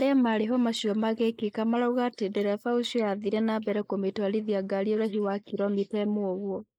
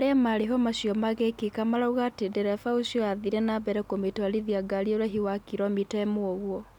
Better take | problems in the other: second | noise reduction (neural mask model Resemble Enhance denoiser)

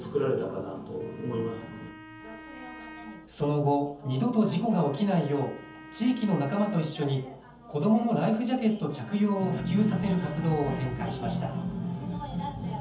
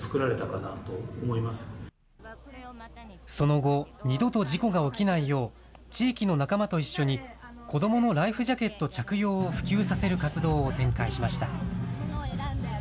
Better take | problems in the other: second | background sound (Wind instrument, woodwind instrument); 19 dB below the speech // room echo; dies away in 0.7 s

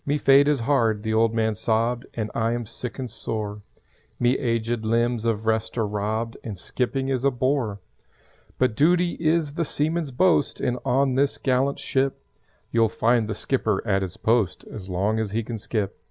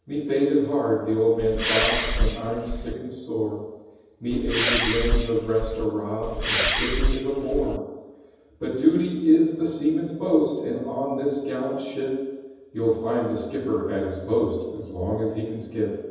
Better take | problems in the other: first | background sound (Respiratory sounds); as loud as the speech // room echo; dies away in 1.1 s

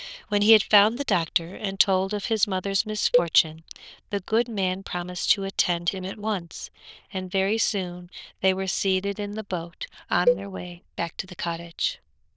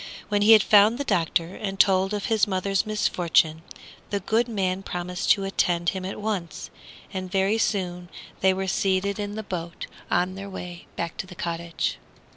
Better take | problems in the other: second | noise reduction (neural diffusion model UNIVERSE++)

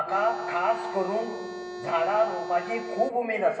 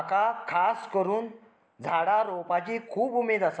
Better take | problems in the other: second | background sound (Organ); 10 dB below the speech // room echo; dies away in 2.3 s

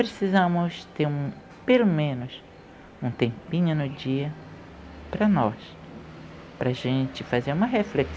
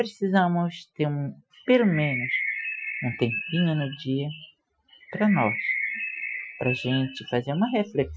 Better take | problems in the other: first | noise reduction (classical method Wiener filter)

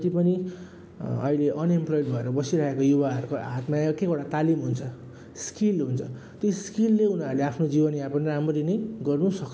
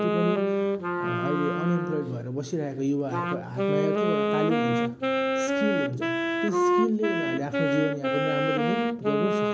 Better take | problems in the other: first | background sound (Wind instrument, woodwind instrument); 4 dB above the speech

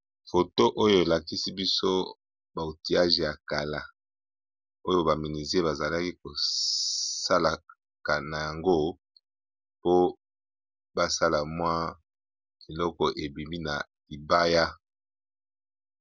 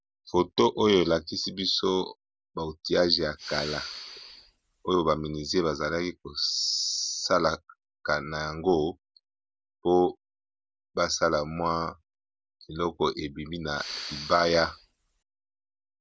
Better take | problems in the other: first | background sound (Respiratory sounds); 12 dB below the speech

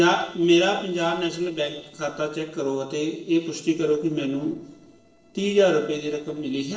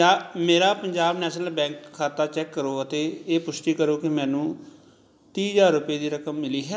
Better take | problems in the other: second | noise reduction (neural separator model SepFormer DNS4)

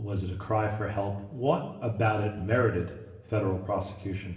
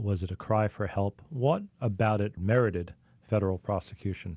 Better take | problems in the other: second | room echo; dies away in 1 s

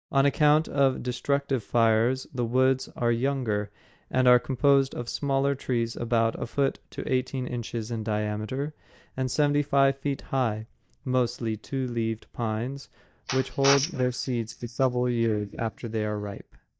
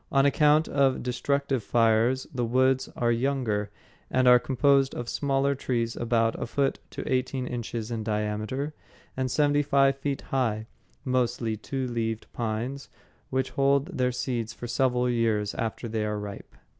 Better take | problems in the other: second | noise reduction (neural mask model DeepFilterNet 3)

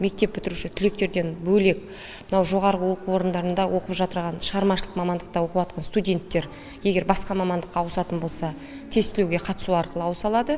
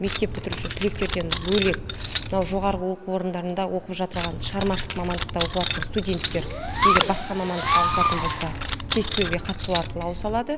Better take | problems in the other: first | background sound (Keys jangling + Fireworks); as loud as the speech

